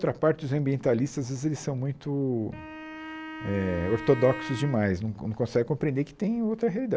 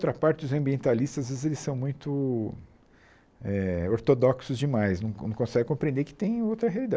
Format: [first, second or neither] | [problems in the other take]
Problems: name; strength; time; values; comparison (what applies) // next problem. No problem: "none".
second | background sound (Wind instrument, woodwind instrument); 12 dB below the speech